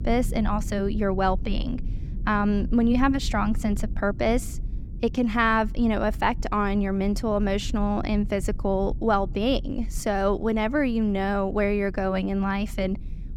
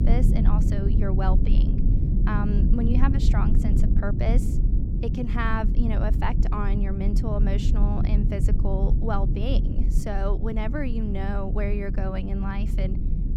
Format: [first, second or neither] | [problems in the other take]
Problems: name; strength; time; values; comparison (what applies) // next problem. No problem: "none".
first | low rumble; loud; throughout; 5 dB below the speech; faint in the first